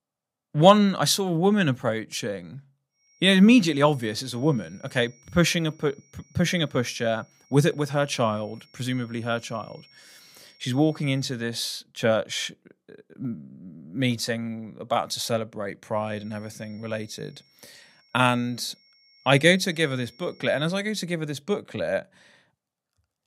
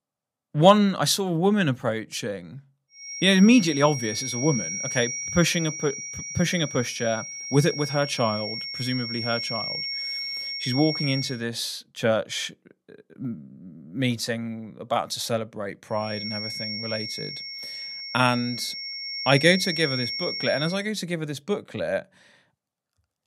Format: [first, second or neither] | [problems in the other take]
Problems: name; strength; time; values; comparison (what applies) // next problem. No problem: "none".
first | high-pitched whine; loud; from 3 to 11 s and from 16 to 21 s; 5.5 kHz, 6 dB below the speech; faint in the first